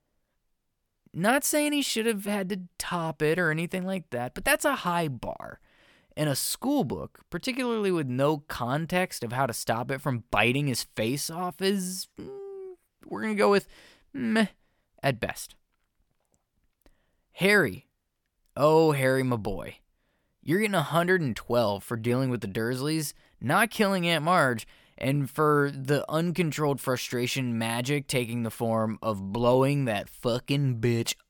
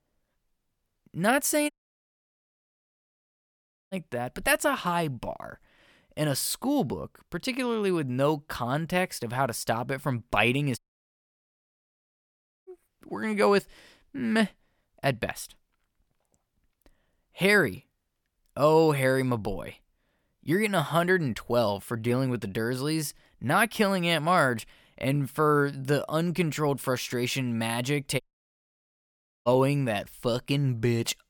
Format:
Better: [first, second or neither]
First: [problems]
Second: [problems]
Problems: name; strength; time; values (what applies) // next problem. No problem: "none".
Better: first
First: none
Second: audio cutting out; at 1.5 s for 2 s, at 11 s for 2 s and at 28 s for 1.5 s